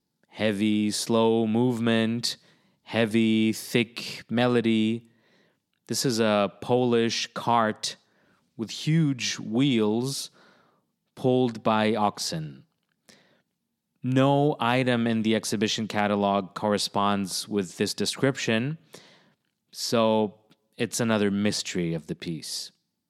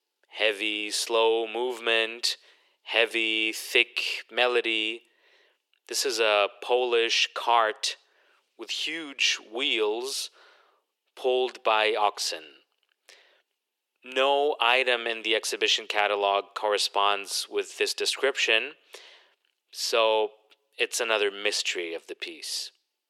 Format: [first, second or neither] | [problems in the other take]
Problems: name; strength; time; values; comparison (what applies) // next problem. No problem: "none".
first | thin; very; fading below 400 Hz